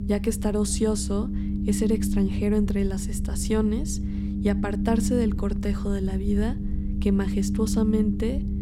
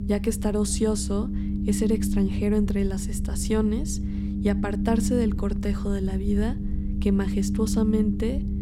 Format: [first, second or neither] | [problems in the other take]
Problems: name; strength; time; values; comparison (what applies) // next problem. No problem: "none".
neither | low rumble; loud; throughout; 6 dB below the speech; the same in both